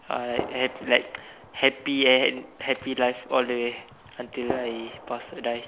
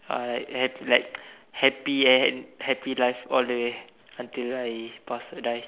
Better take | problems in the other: second | background sound (Gunshot, gunfire); 14 dB below the speech

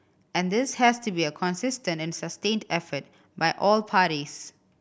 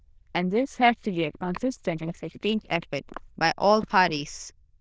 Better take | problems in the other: first | noise reduction (neural diffusion model UNIVERSE++)

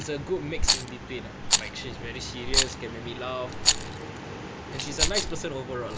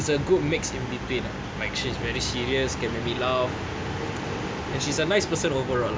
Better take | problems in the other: second | background sound (Rattle); 4 dB above the speech

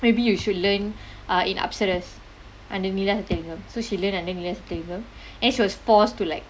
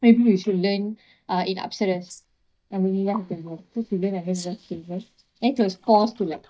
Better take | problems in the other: first | noise reduction (neural mask model DeepFilterNet 3)

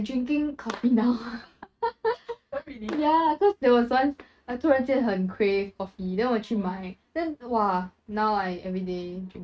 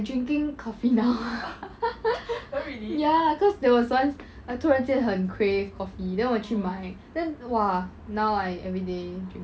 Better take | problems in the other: second | noise reduction (neural mask model RNNoise)

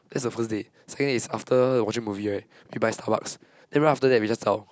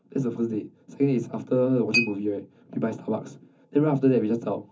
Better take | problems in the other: first | background sound (Chink, clink); 11 dB below the speech // room echo; dies away in 0.3 s

